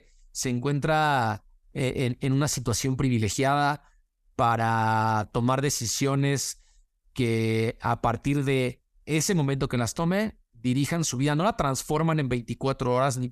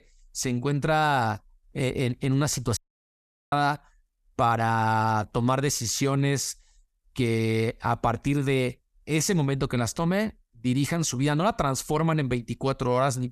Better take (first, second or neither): first